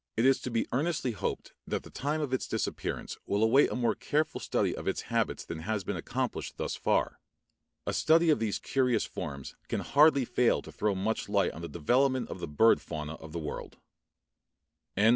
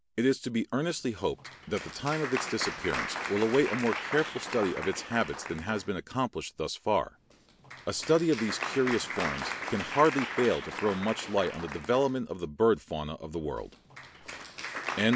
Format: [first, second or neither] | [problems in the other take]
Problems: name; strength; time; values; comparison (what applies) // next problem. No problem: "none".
first | background sound (Applause); 9 dB below the speech